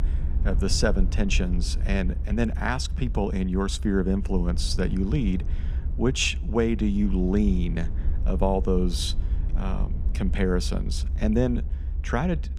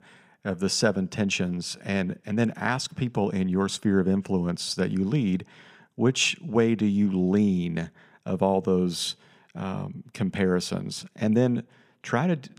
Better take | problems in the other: second | low rumble; noticeable; throughout; 20 dB below the speech

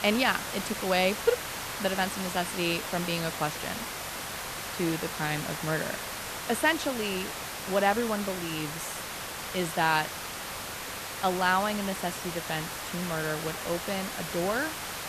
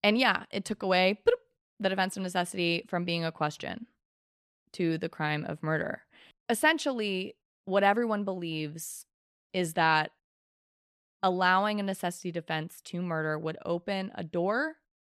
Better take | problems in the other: second | hiss; loud; throughout; 5 dB below the speech

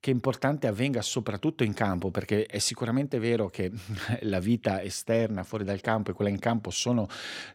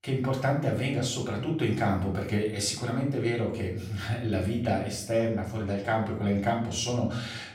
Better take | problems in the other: first | off-mic speech; far // room echo; noticeable; dies away in 0.6 s

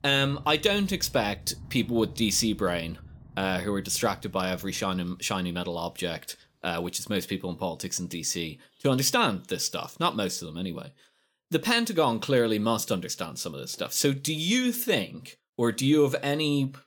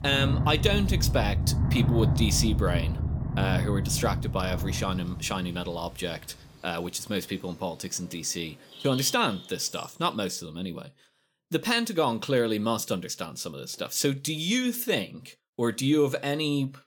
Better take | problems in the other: first | animal sounds; loud; until 9.5 s; 1 dB below the speech; faint in the first

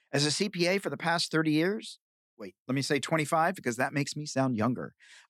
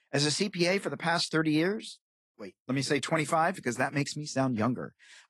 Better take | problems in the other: first | garbled, watery; slightly

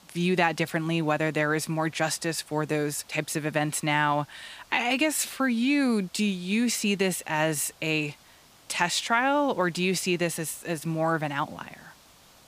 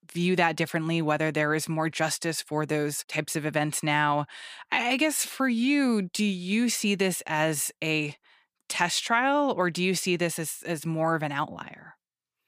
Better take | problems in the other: second | hiss; faint; throughout; 30 dB below the speech

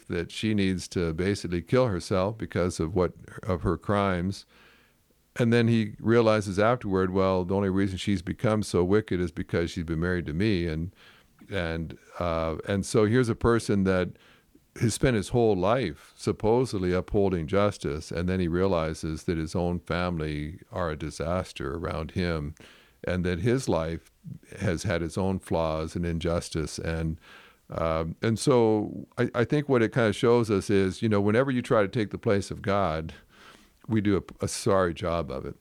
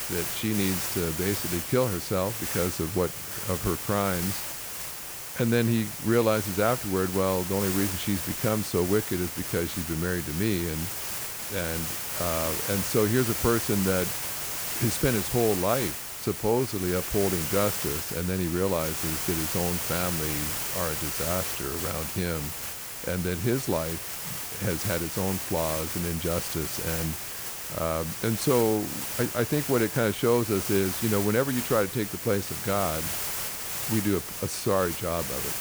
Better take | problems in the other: first | hiss; loud; throughout; 2 dB below the speech

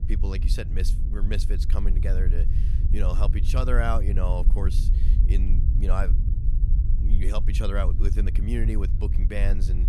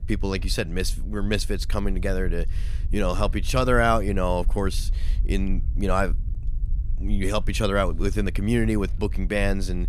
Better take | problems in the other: second | low rumble; loud; throughout; 9 dB below the speech; faint in the second

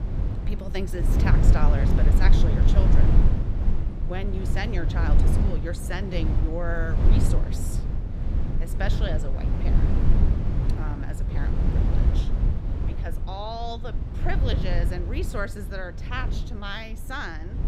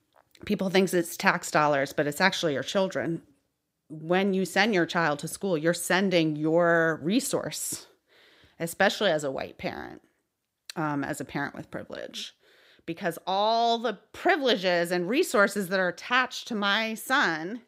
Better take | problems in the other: second | low rumble; loud; throughout; 3 dB below the speech

